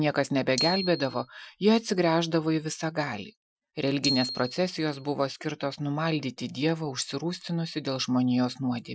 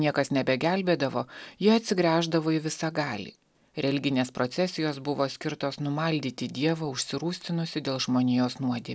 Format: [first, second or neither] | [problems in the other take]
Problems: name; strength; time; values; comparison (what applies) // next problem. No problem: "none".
second | noise reduction (classical method Wiener filter)